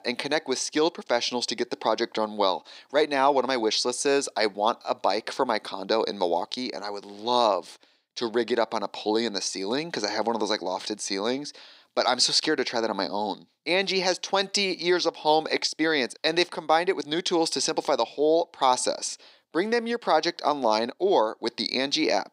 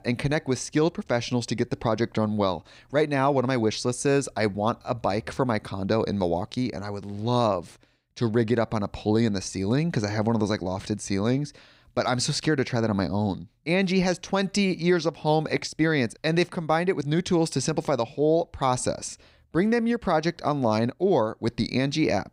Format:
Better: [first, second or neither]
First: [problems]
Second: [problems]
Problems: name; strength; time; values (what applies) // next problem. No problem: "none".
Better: second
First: thin; somewhat; fading below 300 Hz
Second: none